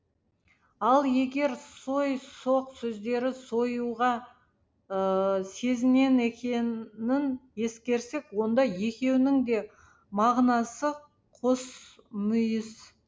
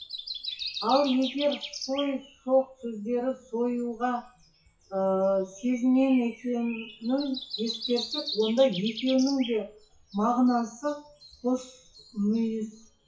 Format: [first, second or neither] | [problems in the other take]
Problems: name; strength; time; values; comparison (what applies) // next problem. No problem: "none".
first | noise reduction (classical method WPE with log-MMSE)